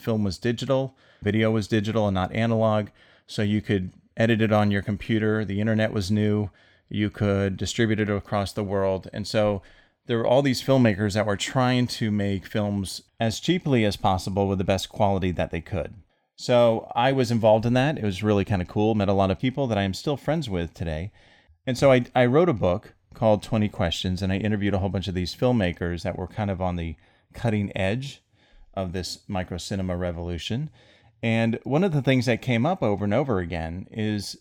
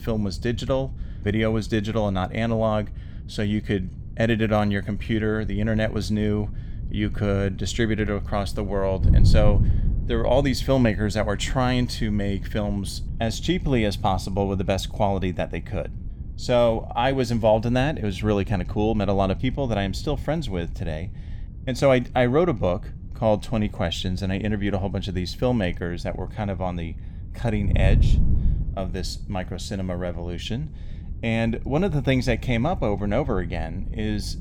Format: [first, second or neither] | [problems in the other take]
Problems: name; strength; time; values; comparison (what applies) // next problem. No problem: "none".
first | wind noise on the microphone; occasional gusts; 20 dB below the speech